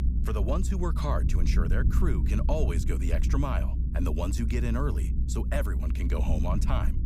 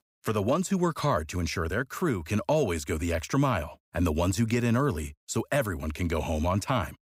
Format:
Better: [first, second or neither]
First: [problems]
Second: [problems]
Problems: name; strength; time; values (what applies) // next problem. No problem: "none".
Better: second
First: low rumble; loud; throughout; 8 dB below the speech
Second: none